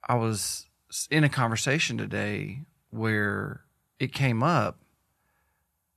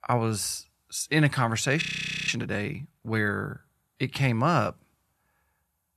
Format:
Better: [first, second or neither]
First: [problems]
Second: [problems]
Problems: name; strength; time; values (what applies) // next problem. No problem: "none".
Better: first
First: none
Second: audio freezing; at 2 s